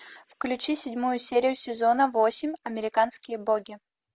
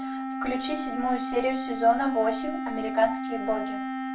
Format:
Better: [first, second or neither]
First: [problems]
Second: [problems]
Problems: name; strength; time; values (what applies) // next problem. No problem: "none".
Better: first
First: none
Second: background sound (Wind instrument, woodwind instrument); 4 dB below the speech // room echo; dies away in 0.3 s